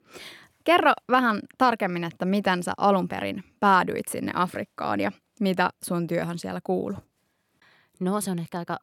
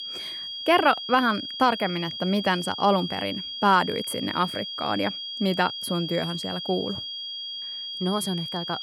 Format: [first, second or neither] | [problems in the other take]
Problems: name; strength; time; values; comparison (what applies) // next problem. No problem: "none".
first | high-pitched whine; loud; throughout; 3.5 kHz, 6 dB below the speech